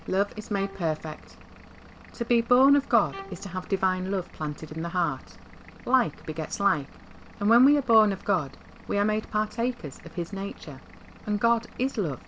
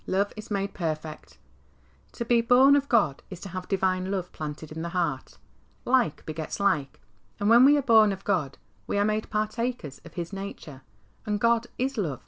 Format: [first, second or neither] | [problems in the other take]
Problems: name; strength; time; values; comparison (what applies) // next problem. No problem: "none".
second | background sound (Bowed string instrument + Engine / Vehicle); 19 dB below the speech